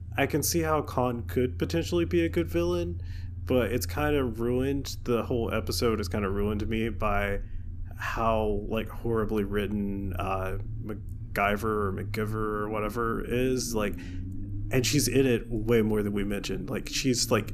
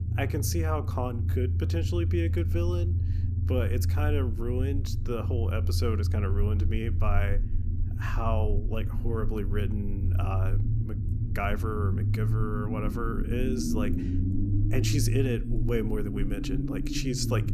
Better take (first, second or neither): first